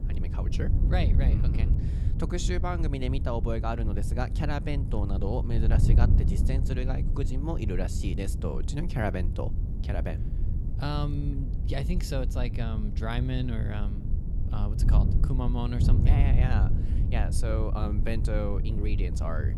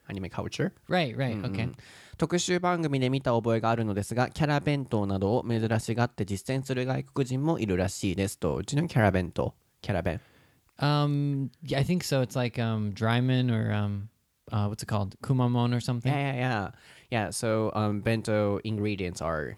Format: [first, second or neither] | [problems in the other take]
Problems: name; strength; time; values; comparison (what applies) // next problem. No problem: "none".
second | wind noise on the microphone; heavy; 7 dB below the speech